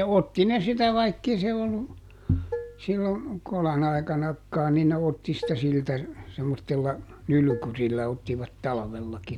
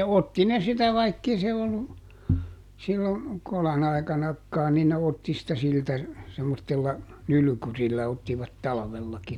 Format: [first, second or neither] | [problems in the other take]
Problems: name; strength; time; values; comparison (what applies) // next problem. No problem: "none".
second | background sound (Dishes, pots, and pans); 11 dB below the speech